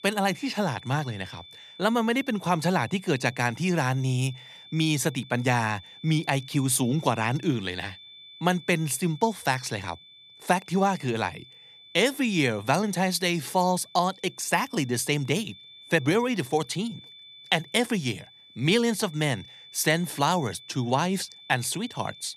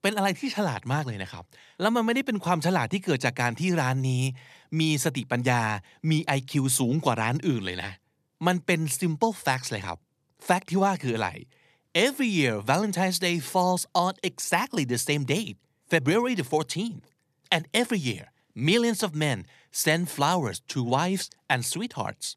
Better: second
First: high-pitched whine; faint; throughout; 3.5 kHz, 20 dB below the speech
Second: none

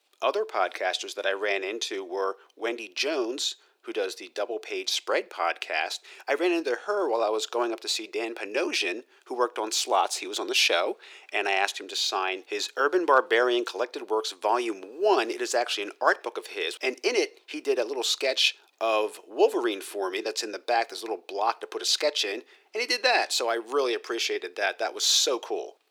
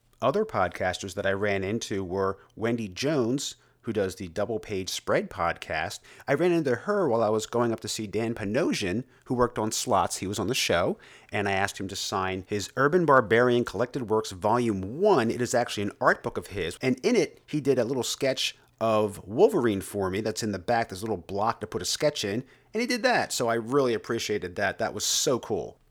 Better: second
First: thin; very; fading below 350 Hz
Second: none

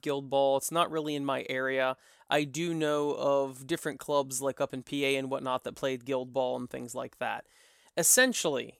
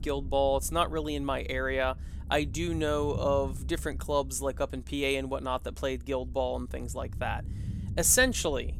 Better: first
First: none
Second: low rumble; faint; throughout; 25 dB below the speech

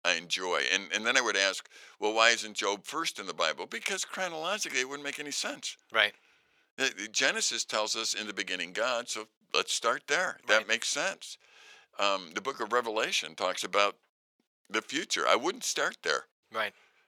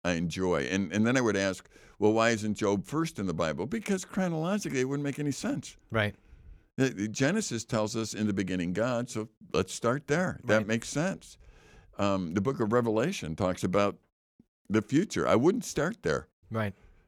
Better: second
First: thin; very; fading below 650 Hz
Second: none

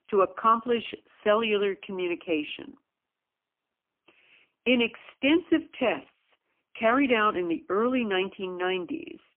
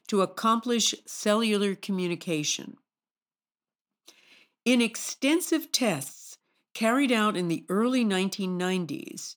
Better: second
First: phone-call audio; poor line; nothing above 3 kHz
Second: none

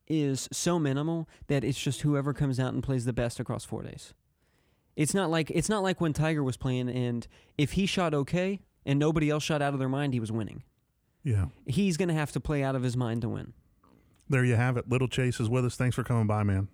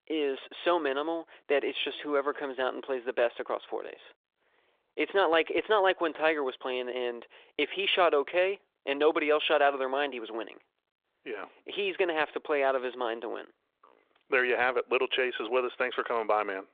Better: first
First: none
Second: phone-call audio

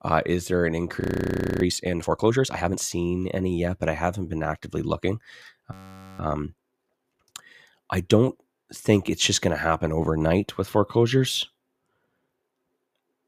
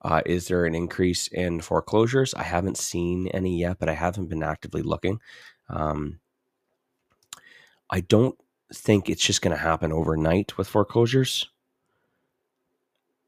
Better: second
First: audio freezing; at 1 s for 0.5 s and at 5.5 s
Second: none

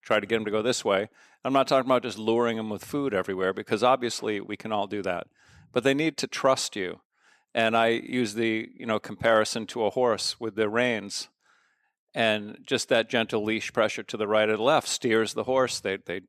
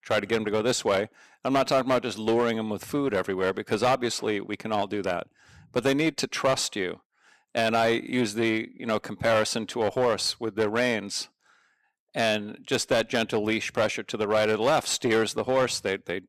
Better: first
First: none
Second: distortion; slight; 6% of the sound clipped

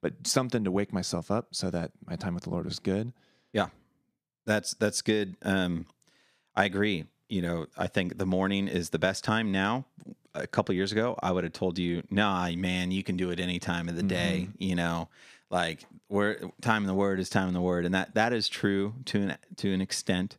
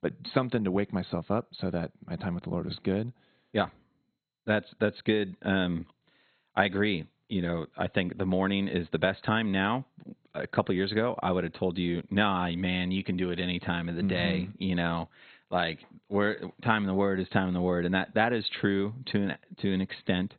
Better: first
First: none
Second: garbled, watery; badly; nothing above 4 kHz

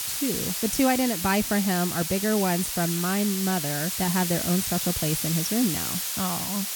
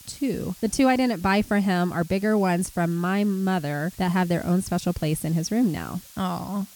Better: second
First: hiss; loud; throughout; 1 dB below the speech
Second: hiss; faint; throughout; 20 dB below the speech

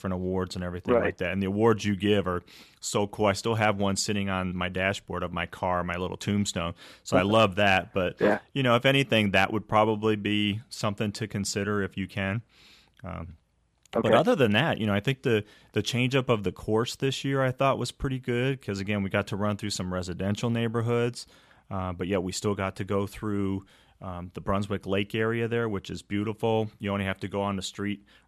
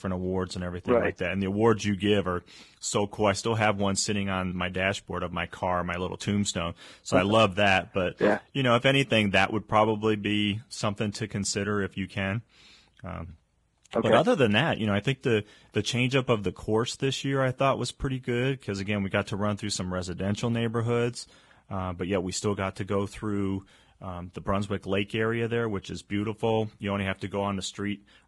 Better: first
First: none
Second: garbled, watery; badly; nothing above 10.5 kHz

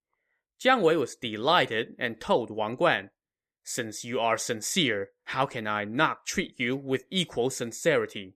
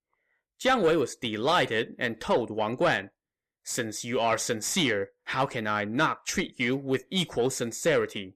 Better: first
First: none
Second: distortion; slight; 10 dB below the speech

